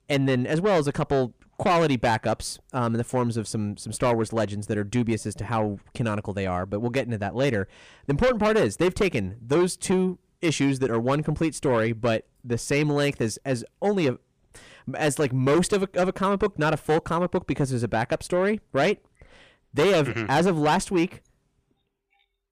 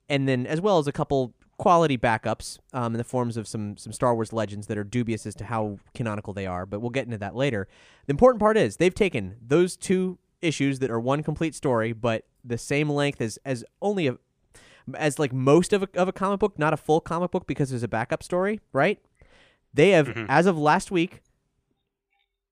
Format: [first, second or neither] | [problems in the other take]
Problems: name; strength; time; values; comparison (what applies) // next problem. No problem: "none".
second | distortion; heavy; 8 dB below the speech